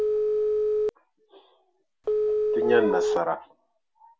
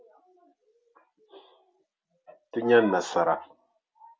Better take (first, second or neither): second